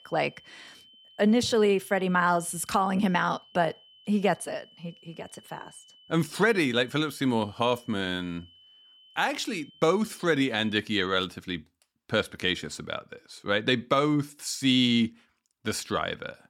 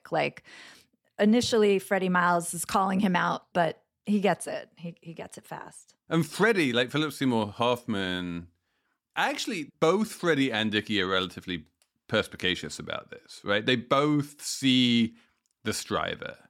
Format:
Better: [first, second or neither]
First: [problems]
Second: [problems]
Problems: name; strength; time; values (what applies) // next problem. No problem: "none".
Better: second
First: high-pitched whine; faint; until 11 s; 3 kHz, 25 dB below the speech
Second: none